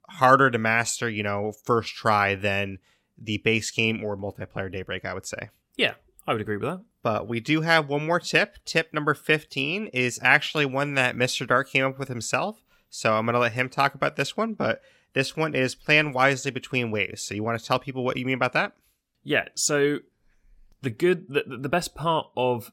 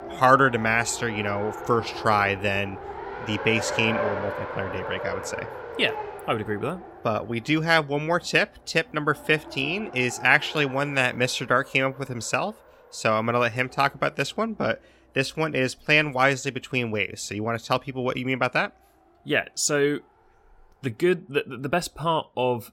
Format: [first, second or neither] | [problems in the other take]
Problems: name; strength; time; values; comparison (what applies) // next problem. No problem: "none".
first | traffic noise; noticeable; throughout; 10 dB below the speech